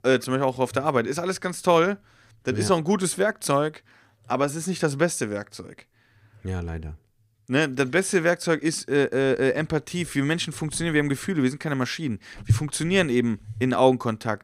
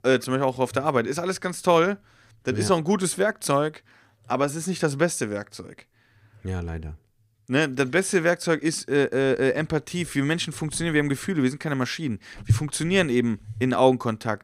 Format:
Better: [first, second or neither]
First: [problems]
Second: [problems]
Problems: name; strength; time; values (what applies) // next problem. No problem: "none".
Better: neither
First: none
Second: none